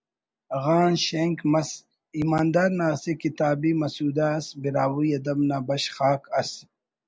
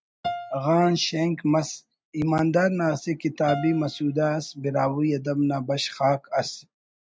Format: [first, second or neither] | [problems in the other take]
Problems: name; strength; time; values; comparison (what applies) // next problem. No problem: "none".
first | noise reduction (neural mask model RNNoise)